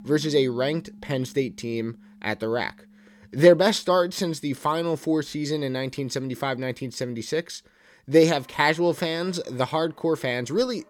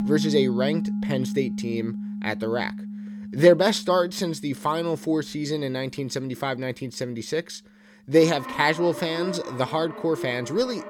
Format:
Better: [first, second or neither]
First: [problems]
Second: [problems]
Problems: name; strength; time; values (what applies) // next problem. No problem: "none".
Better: first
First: background music; faint; throughout; 25 dB below the speech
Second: background music; loud; throughout; 8 dB below the speech